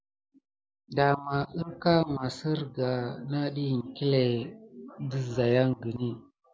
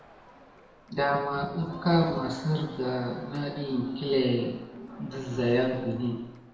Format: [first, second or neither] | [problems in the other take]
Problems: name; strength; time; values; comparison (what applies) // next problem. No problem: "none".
first | background sound (Crowd); 20 dB below the speech // room echo; dies away in 1 s